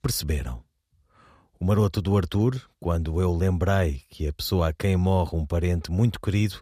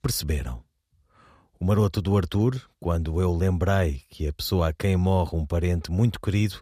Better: neither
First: none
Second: none

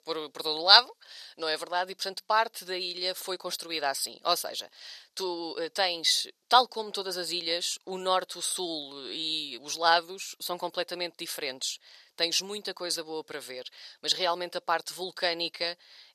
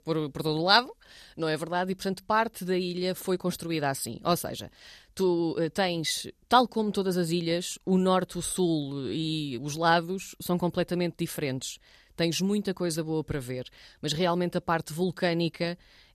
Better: second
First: thin; very; fading below 650 Hz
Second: none

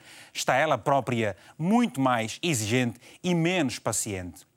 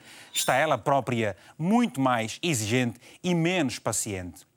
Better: first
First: none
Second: clattering dishes; noticeable; at 0.5 s; peak 4 dB below the speech

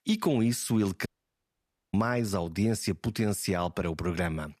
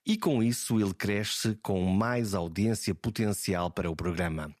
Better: second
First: audio cutting out; at 1 s for 1 s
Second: none

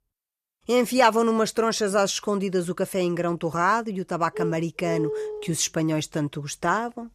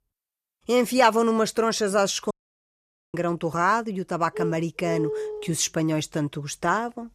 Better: first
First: none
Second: audio cutting out; at 2.5 s for 1 s

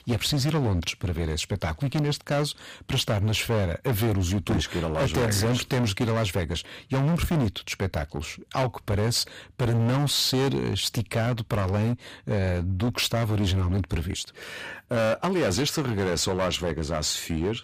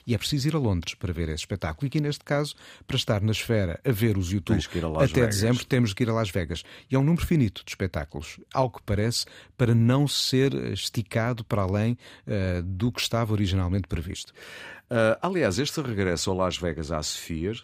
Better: second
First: distortion; heavy; 18% of the sound clipped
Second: none

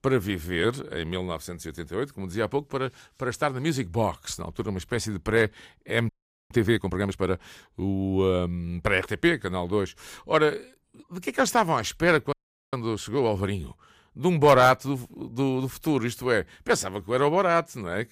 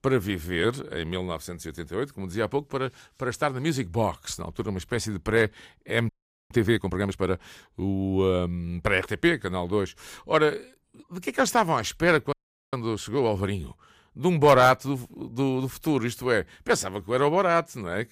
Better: neither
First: audio freezing; at 6 s and at 12 s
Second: audio freezing; at 6 s and at 12 s

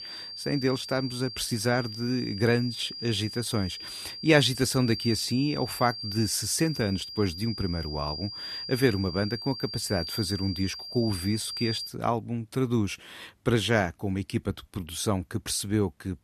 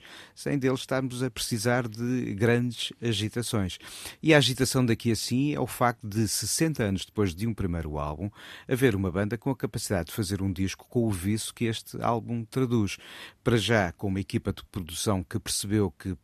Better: second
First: high-pitched whine; loud; until 12 s; 5 kHz, 8 dB below the speech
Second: none

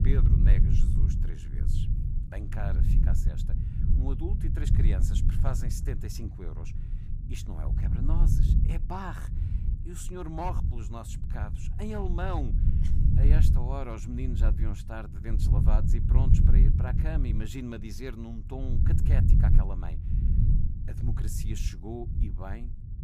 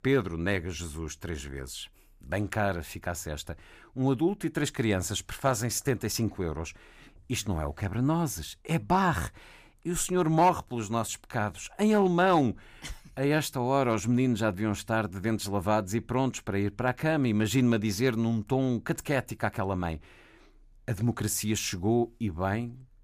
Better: second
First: low rumble; loud; throughout; 2 dB below the speech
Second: none

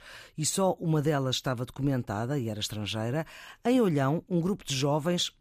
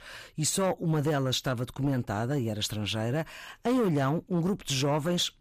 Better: first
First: none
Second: distortion; slight; 10 dB below the speech

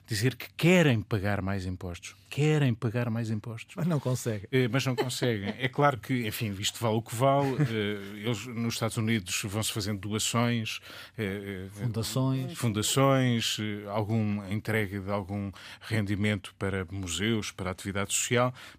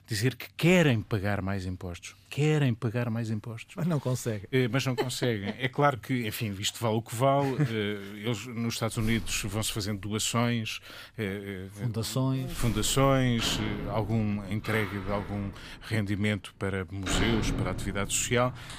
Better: first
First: none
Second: household noises; loud; throughout; 9 dB below the speech

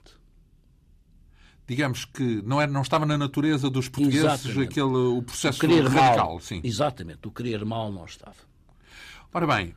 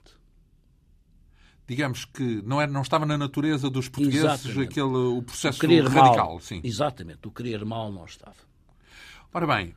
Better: second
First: distortion; slight; 10 dB below the speech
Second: none

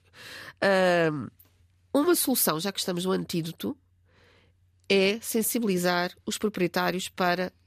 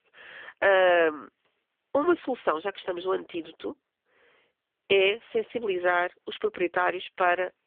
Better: first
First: none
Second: phone-call audio; poor line

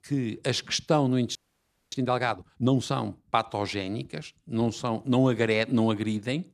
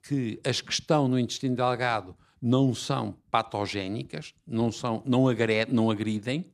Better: second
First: audio freezing; at 1.5 s for 0.5 s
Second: none

